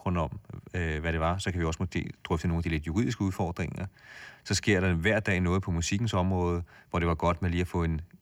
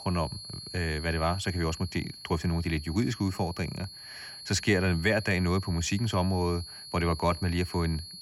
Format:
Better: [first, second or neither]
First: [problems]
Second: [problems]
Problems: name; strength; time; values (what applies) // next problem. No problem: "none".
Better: first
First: none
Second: high-pitched whine; noticeable; throughout; 4.5 kHz, 10 dB below the speech